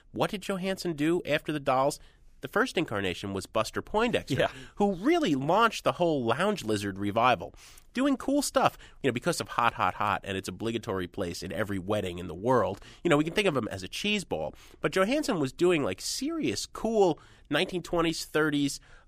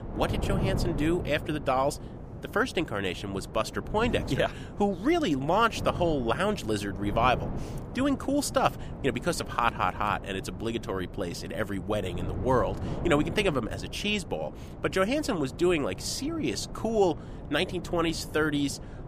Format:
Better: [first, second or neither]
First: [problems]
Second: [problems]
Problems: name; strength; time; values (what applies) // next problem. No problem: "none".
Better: first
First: none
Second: wind noise on the microphone; occasional gusts; 15 dB below the speech